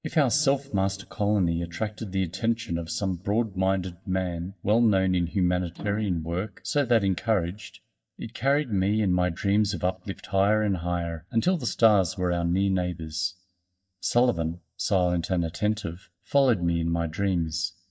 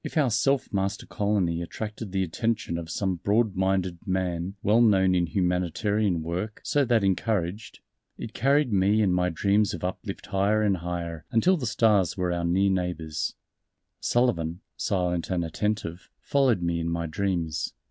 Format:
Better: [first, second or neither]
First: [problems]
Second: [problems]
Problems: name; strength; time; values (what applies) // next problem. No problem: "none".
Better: second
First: noise reduction (neural mask model DeepFilterNet 3)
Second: none